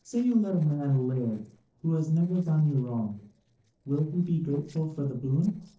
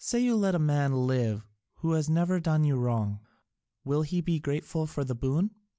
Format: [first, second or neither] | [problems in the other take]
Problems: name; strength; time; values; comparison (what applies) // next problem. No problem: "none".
second | noise reduction (neural separator model SepFormer DNS4)